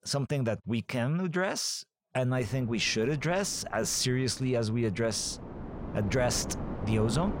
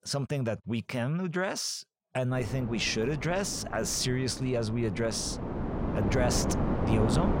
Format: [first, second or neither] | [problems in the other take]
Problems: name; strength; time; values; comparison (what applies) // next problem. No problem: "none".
first | wind noise on the microphone; heavy; from 2.5 s on; 5 dB below the speech; occasional gusts in the first